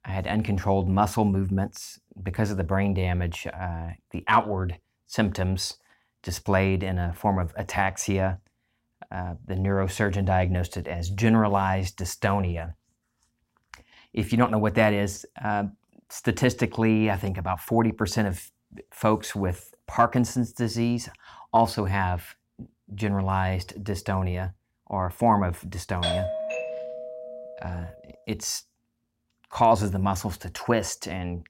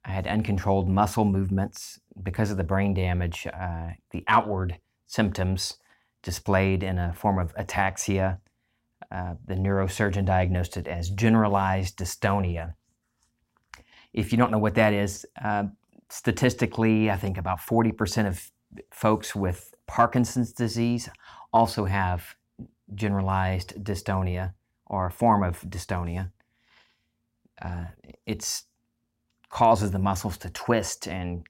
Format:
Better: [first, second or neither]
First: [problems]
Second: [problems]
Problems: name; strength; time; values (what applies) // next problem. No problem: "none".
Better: second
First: doorbell; noticeable; from 26 to 28 s; peak 1 dB below the speech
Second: none